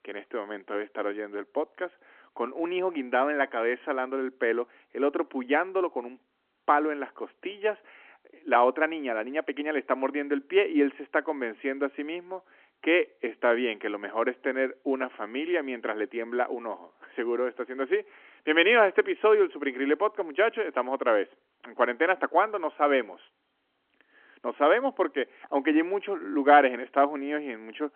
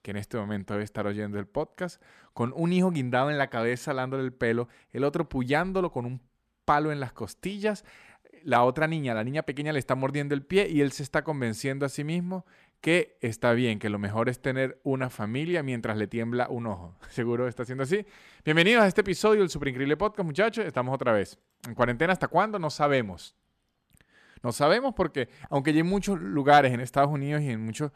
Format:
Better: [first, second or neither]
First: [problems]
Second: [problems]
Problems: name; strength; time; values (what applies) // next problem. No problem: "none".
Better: second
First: phone-call audio; nothing above 3 kHz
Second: none